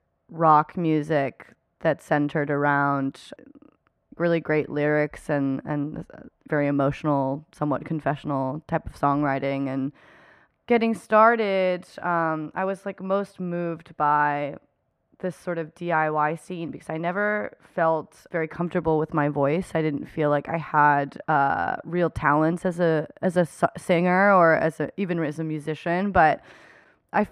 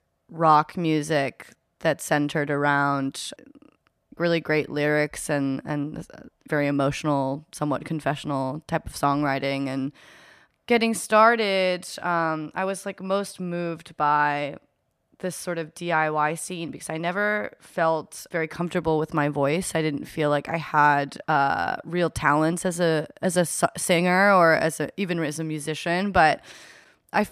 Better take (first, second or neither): second